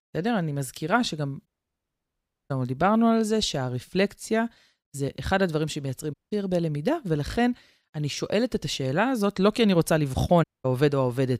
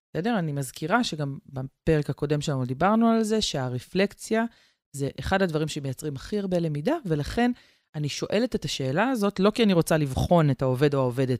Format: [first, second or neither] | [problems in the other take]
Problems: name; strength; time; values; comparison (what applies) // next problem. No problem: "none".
second | audio cutting out; at 1.5 s for 1 s, at 6 s and at 10 s